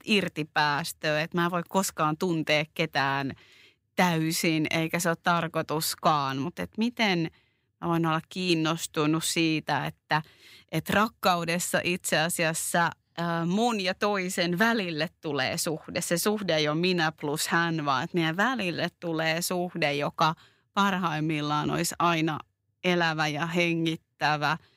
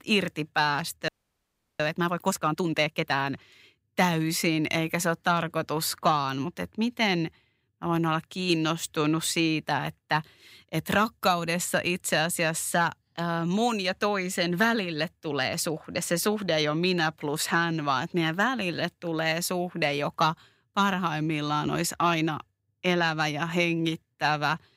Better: first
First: none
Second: audio freezing; at 1 s for 0.5 s

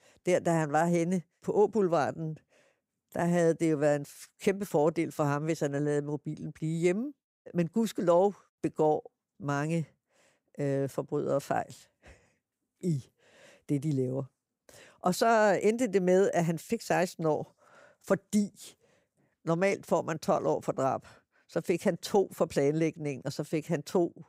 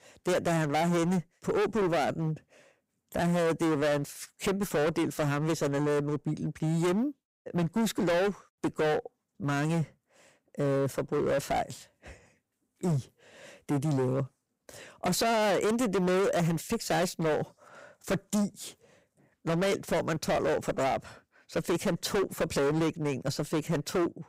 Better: first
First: none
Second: distortion; heavy; 19% of the sound clipped

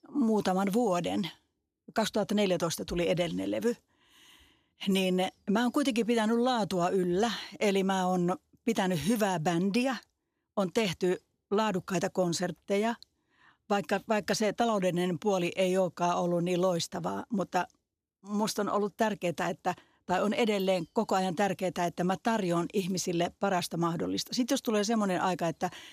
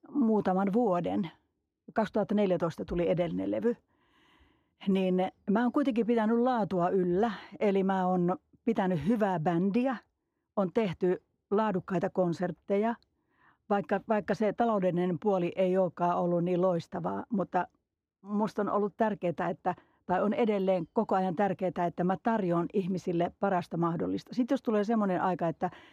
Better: first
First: none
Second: muffled; very; fading above 3 kHz

